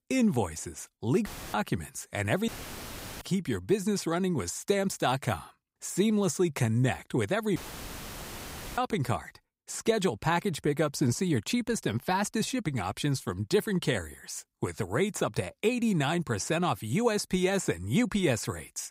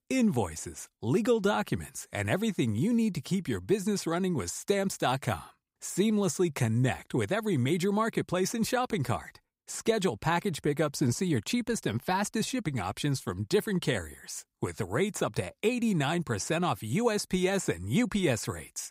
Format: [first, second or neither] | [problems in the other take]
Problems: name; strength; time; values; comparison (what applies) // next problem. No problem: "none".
second | audio cutting out; filled with static; at 1.5 s, at 2.5 s for 0.5 s and at 7.5 s for 1 s